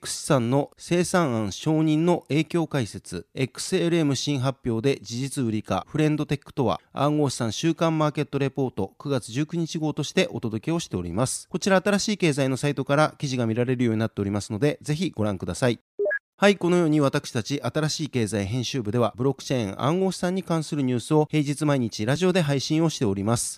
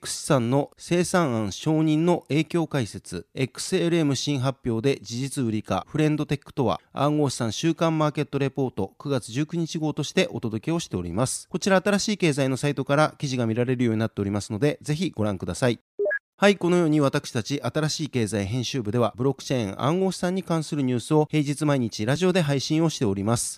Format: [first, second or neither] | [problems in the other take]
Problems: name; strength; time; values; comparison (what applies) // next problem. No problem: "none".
neither | none